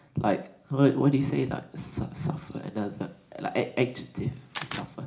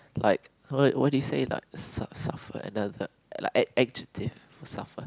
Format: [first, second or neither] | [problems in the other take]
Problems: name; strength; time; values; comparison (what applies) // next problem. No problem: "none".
second | background sound (Camera); 18 dB below the speech // room echo; dies away in 0.4 s